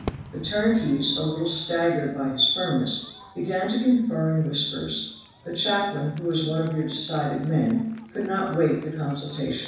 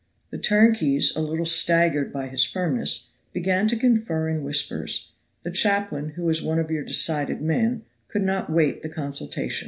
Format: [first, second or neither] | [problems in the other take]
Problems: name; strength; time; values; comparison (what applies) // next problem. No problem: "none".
second | background sound (Crowd / Fireworks); 19 dB below the speech // room echo; dies away in 0.7 s